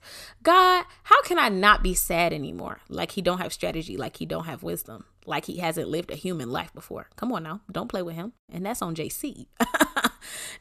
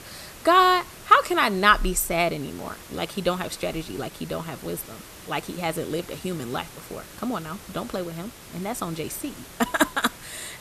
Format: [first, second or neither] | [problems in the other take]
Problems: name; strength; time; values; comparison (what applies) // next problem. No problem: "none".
first | hiss; noticeable; throughout; 20 dB below the speech